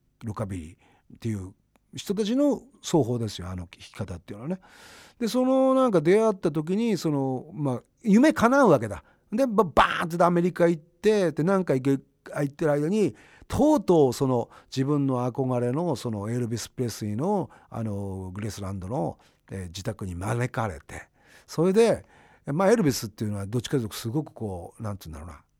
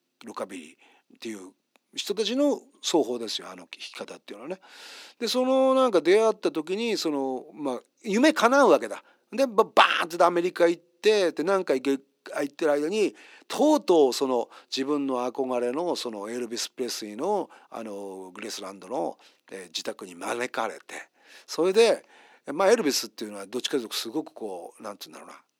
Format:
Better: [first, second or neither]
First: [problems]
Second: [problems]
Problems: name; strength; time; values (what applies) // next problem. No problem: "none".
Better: first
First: none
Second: thin; very slightly; fading below 300 Hz